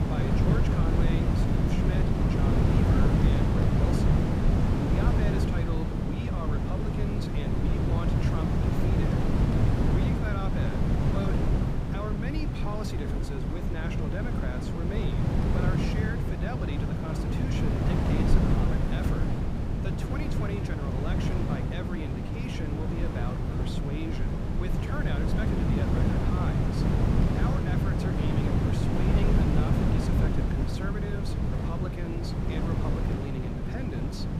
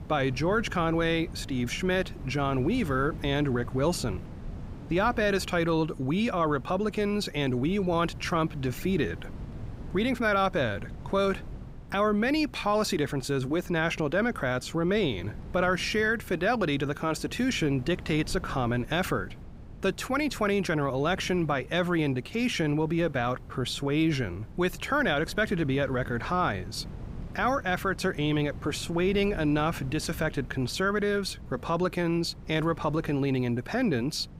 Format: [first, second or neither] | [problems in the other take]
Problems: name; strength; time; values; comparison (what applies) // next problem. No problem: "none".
second | wind noise on the microphone; heavy; 5 dB above the speech; occasional gusts in the second